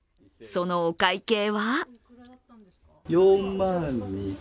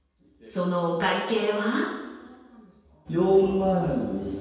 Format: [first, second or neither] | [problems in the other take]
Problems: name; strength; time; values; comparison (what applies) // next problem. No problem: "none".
first | room echo; dies away in 1.2 s